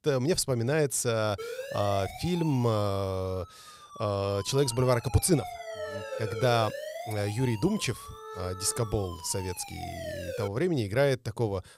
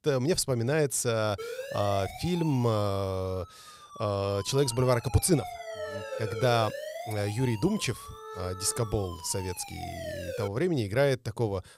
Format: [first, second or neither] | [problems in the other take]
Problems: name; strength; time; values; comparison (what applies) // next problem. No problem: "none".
neither | siren; noticeable; from 1.5 to 10 s; peak 7 dB below the speech; the same in both